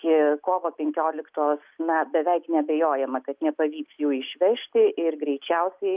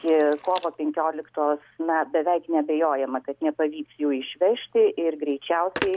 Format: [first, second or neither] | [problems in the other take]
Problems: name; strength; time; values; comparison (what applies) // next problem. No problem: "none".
first | background sound (Telephone); 18 dB below the speech